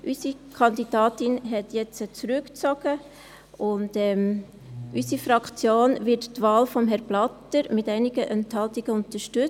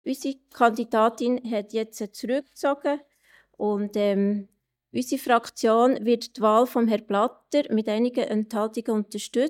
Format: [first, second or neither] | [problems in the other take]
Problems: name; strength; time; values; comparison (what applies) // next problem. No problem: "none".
first | noise reduction (neural mask model DeepFilterNet 3)